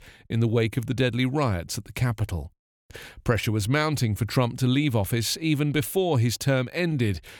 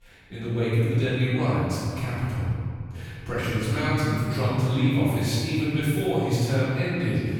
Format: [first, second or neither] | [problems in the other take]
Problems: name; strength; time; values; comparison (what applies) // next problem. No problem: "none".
first | room echo; strong; dies away in 2.2 s // off-mic speech; far